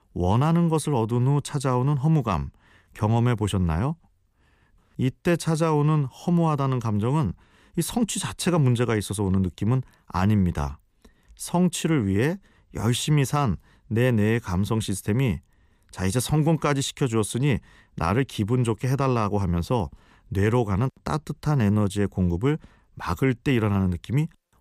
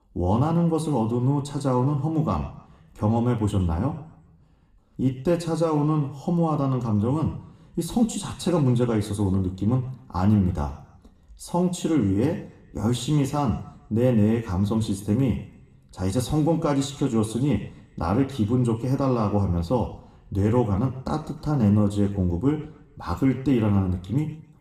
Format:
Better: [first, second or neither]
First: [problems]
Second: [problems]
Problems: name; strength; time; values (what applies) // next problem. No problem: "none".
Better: first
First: none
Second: room echo; slight; dies away in 0.6 s